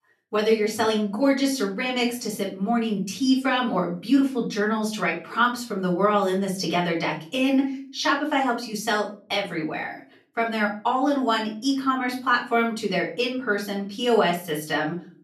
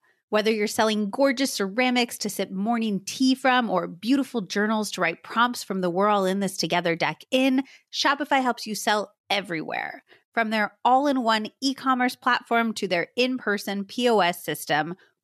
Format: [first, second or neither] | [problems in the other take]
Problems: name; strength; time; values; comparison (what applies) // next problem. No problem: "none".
second | off-mic speech; far // room echo; slight; dies away in 0.4 s